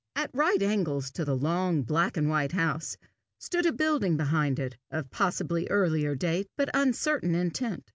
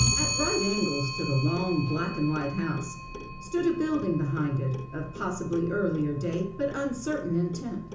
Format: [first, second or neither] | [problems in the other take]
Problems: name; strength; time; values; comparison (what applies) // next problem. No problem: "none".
first | background sound (Clock); 5 dB below the speech // room echo; dies away in 0.6 s